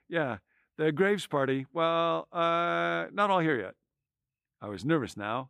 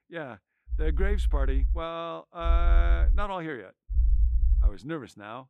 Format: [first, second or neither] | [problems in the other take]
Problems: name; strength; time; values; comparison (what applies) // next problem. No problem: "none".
first | low rumble; noticeable; from 0.5 to 2 s, at 2.5 s and at 4 s; 15 dB below the speech